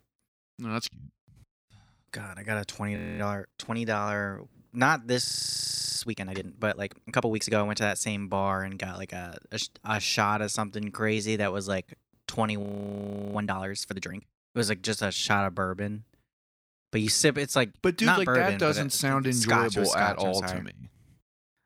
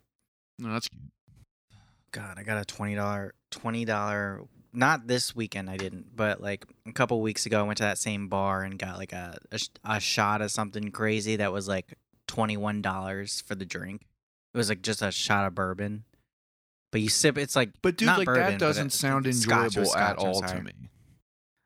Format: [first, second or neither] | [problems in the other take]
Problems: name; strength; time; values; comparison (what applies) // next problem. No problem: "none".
second | audio freezing; at 3 s, at 5 s for 0.5 s and at 13 s for 0.5 s